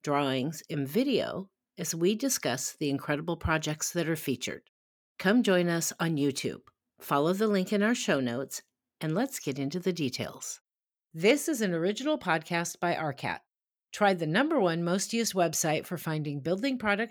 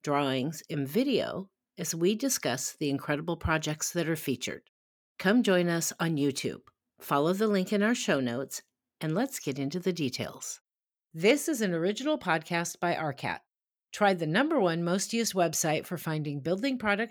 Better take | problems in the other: neither | none

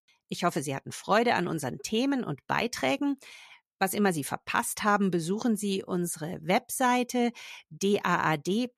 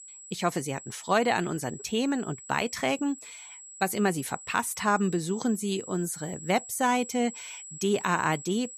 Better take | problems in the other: first | high-pitched whine; noticeable; throughout; 7.5 kHz, 15 dB below the speech

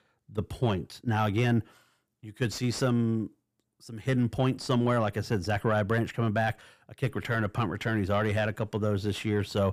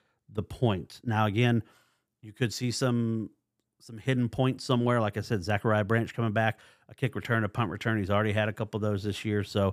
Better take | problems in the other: second | distortion; slight; 10 dB below the speech

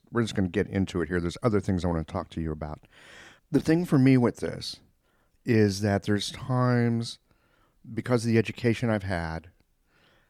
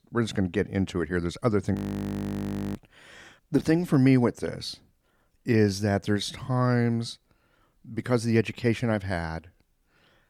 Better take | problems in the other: first | audio freezing; at 2 s for 1 s

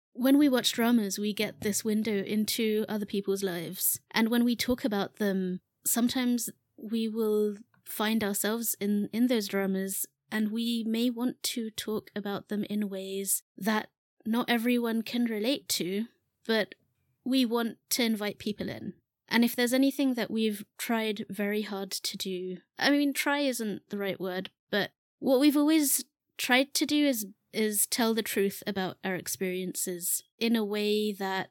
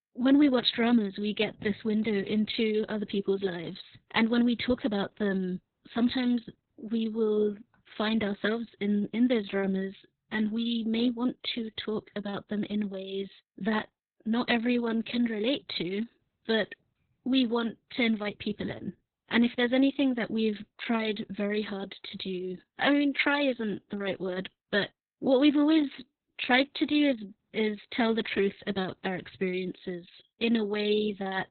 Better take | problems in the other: first | garbled, watery; badly; nothing above 4 kHz

